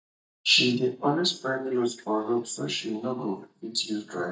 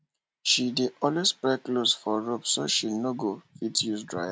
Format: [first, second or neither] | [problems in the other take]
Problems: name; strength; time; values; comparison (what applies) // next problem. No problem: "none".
second | noise reduction (neural mask model DeepFilterNet 3)